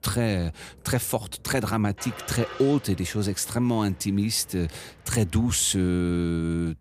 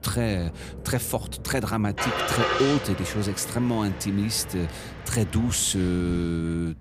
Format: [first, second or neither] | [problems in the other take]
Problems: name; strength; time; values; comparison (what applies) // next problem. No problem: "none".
first | traffic noise; loud; throughout; 6 dB below the speech; faint in the first